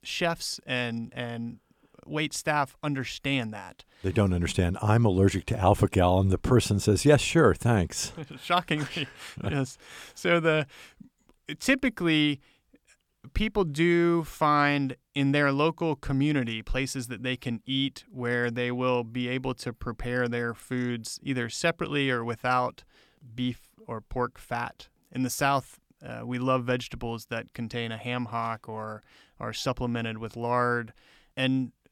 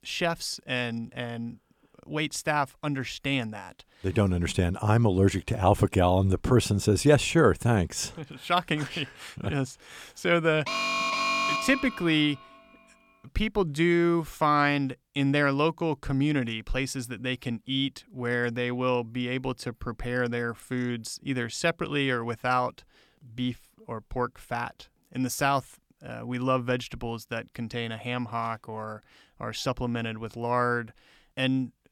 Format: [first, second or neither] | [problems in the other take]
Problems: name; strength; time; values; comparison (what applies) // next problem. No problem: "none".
first | alarm; loud; from 11 to 12 s; peak 3 dB above the speech